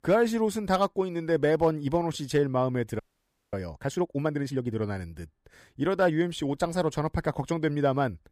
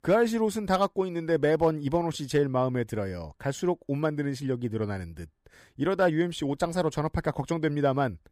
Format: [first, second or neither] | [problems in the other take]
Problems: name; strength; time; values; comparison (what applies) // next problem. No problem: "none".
second | audio freezing; at 3 s for 0.5 s